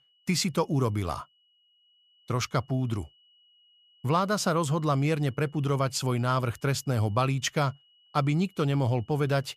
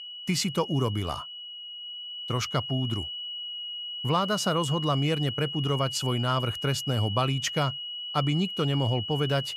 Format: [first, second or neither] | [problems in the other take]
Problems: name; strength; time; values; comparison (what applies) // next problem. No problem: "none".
first | high-pitched whine; loud; throughout; 3 kHz, 6 dB below the speech; faint in the first